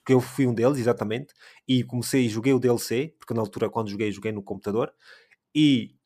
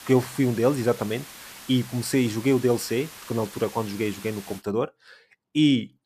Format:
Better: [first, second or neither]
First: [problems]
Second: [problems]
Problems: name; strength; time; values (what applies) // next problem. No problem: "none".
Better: first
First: none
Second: hiss; noticeable; until 4.5 s; 15 dB below the speech